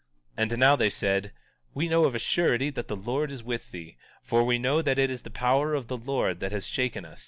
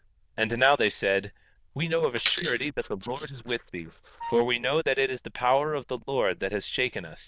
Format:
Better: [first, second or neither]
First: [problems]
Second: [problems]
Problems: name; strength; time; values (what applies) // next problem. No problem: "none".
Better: first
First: none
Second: noise reduction (neural diffusion model UNIVERSE++)